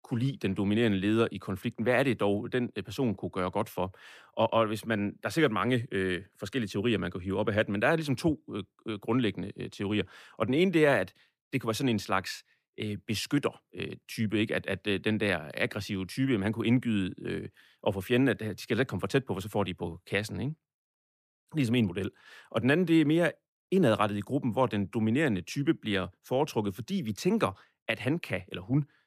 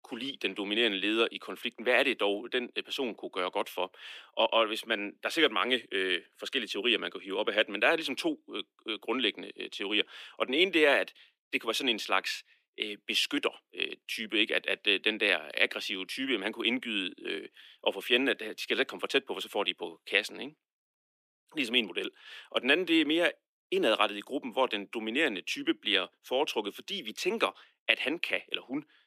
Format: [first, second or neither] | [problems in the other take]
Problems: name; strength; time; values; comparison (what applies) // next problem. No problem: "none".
first | thin; somewhat; fading below 300 Hz